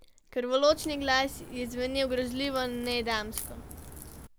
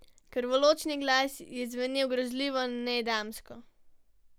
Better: second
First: background sound (Crack); 13 dB below the speech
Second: none

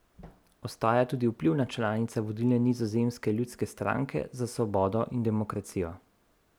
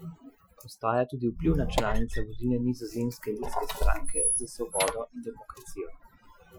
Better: first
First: none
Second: noise reduction (classical method Wiener filter)

